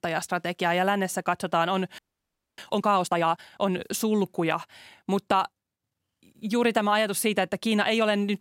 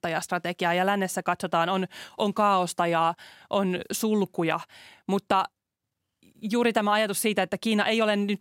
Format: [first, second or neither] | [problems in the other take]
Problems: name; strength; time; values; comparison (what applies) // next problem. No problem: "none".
second | audio freezing; at 2 s for 0.5 s